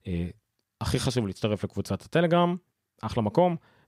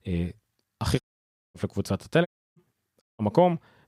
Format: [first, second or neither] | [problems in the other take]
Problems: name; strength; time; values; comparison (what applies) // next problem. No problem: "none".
first | audio cutting out; at 1 s for 0.5 s, at 2.5 s and at 3 s